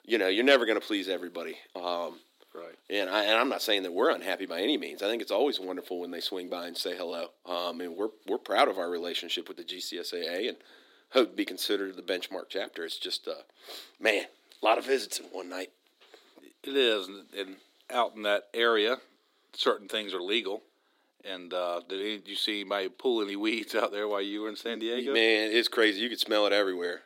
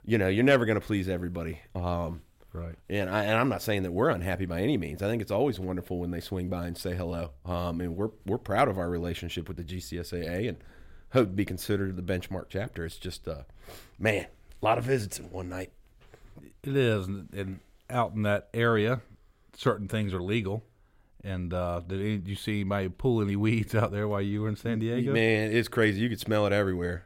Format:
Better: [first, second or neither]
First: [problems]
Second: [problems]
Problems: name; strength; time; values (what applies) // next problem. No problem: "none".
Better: second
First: thin; somewhat; fading below 300 Hz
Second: none